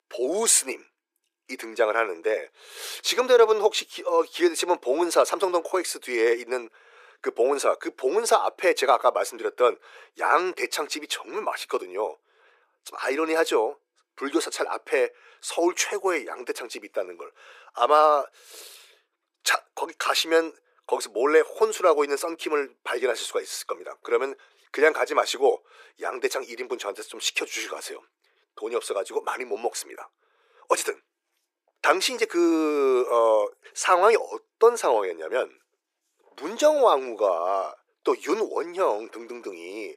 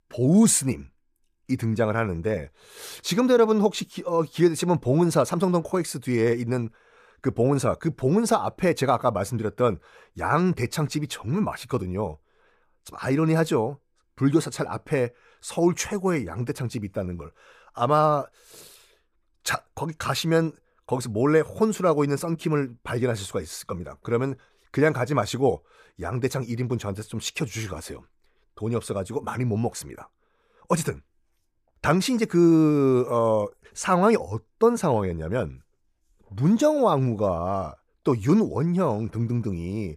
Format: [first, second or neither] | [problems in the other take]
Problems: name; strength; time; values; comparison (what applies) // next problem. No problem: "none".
second | thin; very; fading below 350 Hz